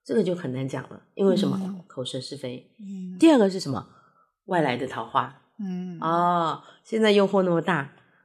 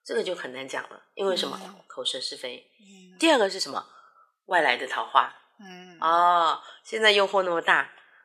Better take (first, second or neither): first